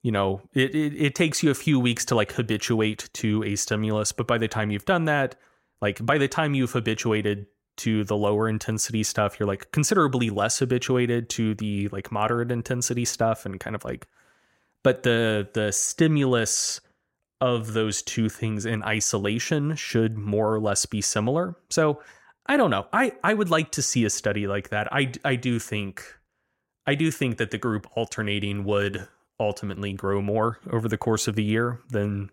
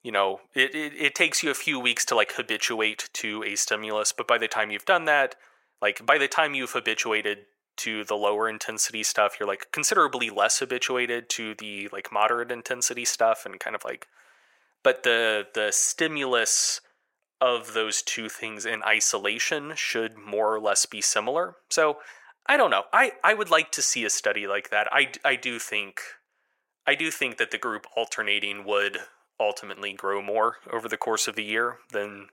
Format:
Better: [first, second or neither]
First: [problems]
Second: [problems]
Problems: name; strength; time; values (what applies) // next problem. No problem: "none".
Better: first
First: none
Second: thin; very; fading below 650 Hz